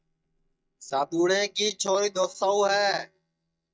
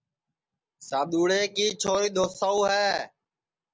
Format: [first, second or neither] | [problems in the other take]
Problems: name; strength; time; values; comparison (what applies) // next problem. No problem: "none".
second | noise reduction (neural mask model DeepFilterNet 3)